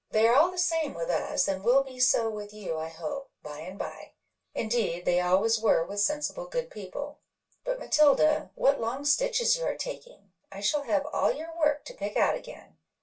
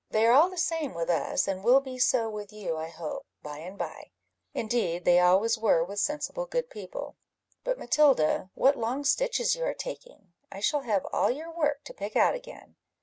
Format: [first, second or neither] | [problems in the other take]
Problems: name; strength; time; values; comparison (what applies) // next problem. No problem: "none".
second | room echo; dies away in 0.2 s